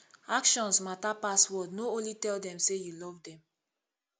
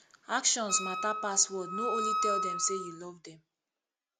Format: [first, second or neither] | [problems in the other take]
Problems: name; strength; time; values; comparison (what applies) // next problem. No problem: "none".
first | background sound (Wind instrument, woodwind instrument); 1 dB below the speech